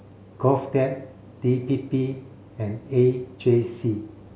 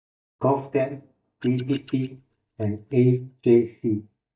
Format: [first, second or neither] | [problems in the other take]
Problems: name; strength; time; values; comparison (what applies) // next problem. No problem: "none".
first | noise reduction (neural mask model DeepFilterNet 3)